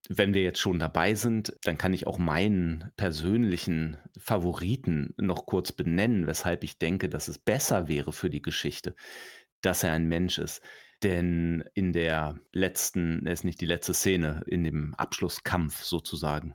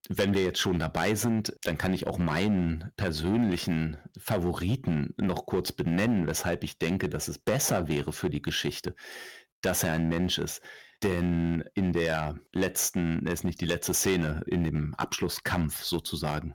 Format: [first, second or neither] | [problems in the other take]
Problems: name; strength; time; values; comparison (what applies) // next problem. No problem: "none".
first | distortion; slight; 5% of the sound clipped